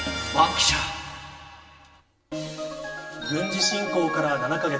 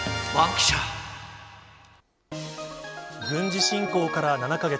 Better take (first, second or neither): second